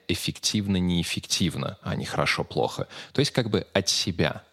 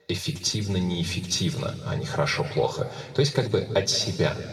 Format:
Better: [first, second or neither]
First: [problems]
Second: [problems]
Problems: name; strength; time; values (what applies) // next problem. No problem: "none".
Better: first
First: none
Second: room echo; slight; dies away in 1.7 s // off-mic speech; somewhat distant